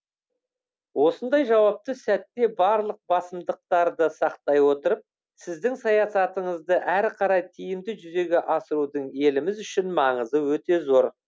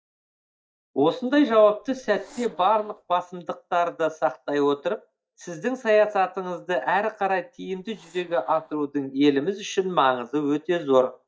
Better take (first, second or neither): first